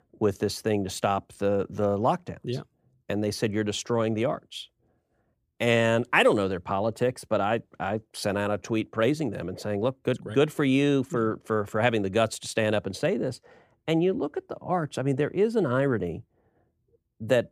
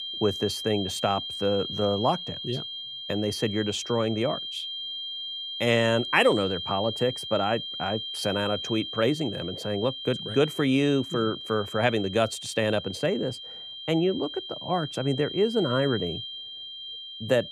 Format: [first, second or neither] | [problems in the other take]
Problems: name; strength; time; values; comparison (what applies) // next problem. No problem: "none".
first | high-pitched whine; loud; throughout; 3 kHz, 7 dB below the speech